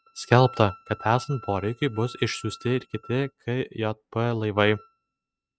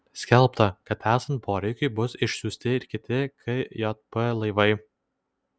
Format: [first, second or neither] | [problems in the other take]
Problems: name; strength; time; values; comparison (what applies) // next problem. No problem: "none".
second | noise reduction (neural mask model RNNoise)